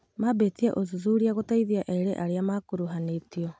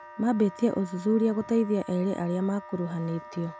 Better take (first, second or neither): first